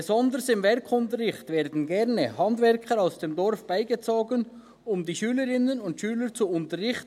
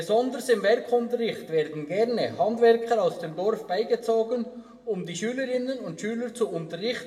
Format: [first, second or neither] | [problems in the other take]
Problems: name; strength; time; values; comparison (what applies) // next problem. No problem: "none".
first | room echo; dies away in 0.7 s